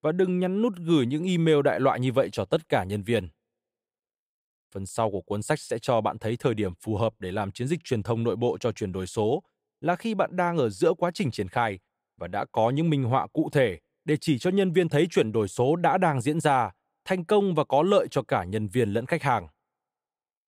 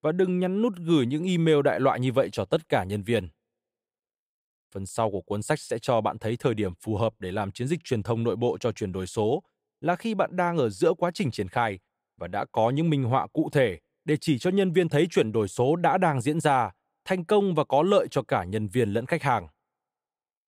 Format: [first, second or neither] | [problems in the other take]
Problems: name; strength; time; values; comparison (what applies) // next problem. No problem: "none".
neither | none